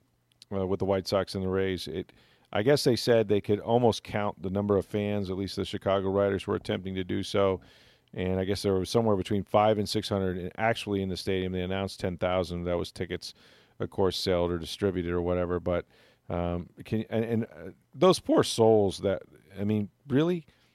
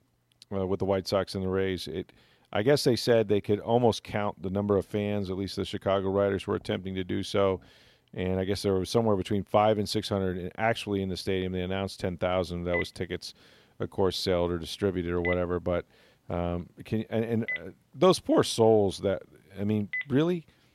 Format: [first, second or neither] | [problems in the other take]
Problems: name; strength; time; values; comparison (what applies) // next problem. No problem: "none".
first | phone ringing; noticeable; from 13 to 20 s; peak 6 dB below the speech